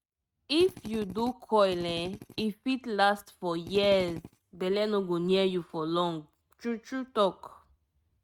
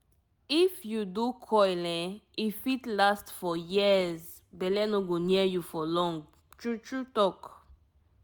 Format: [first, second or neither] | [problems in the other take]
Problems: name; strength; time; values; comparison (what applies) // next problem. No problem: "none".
second | noise reduction (neural mask model RNNoise)